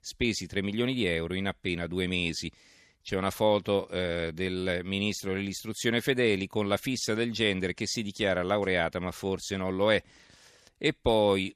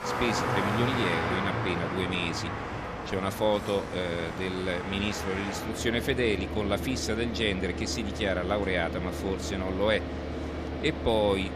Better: first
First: none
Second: traffic noise; loud; throughout; 3 dB below the speech

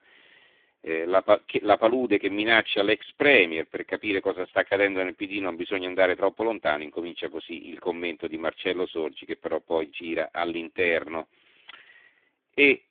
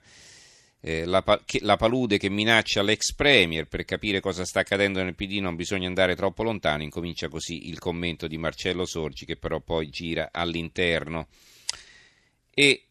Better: second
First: phone-call audio; poor line; nothing above 3.5 kHz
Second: none

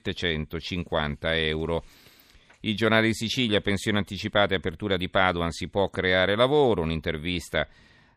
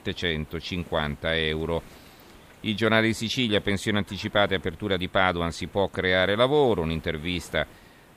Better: first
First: none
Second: hiss; faint; throughout; 25 dB below the speech

